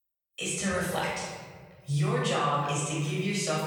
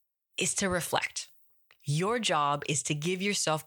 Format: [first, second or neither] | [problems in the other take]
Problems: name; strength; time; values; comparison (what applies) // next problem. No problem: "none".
second | off-mic speech; far // room echo; strong; dies away in 1.6 s